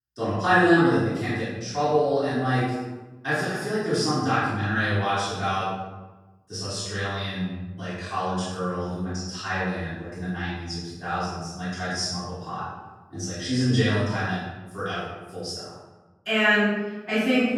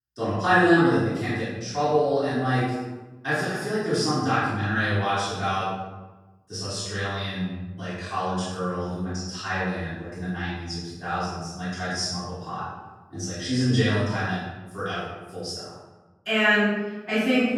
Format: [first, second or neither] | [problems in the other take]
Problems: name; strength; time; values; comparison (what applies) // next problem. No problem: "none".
neither | off-mic speech; far; the same in both // room echo; strong; dies away in 1 s; the same in both